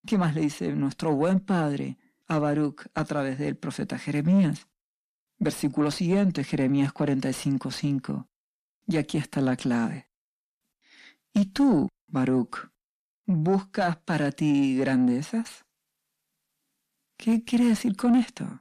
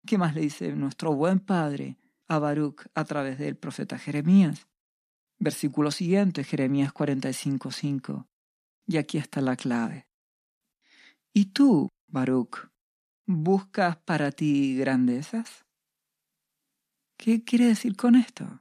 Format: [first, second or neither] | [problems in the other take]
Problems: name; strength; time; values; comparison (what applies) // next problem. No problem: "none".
second | distortion; slight; 10 dB below the speech